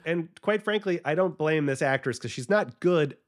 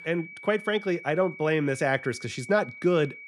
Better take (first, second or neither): first